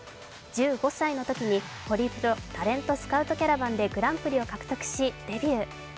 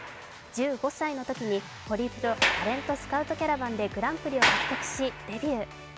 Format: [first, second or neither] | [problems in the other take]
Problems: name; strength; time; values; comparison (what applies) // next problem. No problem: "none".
first | background sound (Sliding door); 3 dB below the speech